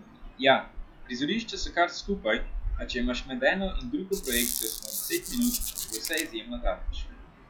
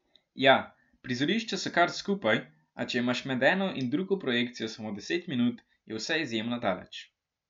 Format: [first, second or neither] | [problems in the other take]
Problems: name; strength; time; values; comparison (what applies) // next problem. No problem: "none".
second | noise reduction (classical method log-MMSE)